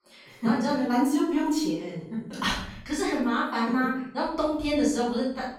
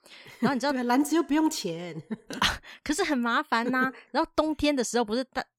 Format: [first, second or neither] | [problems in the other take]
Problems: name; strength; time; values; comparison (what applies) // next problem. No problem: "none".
second | off-mic speech; far // room echo; noticeable; dies away in 0.8 s